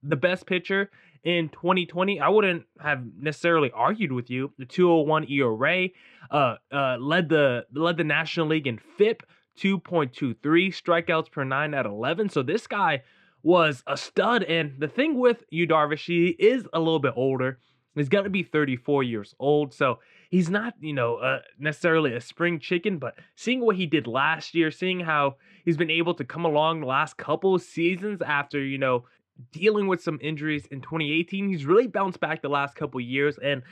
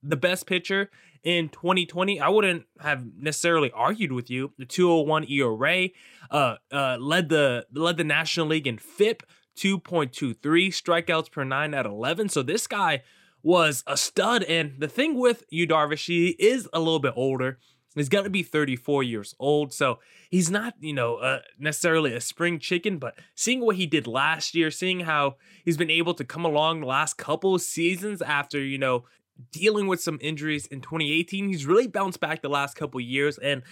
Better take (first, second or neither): second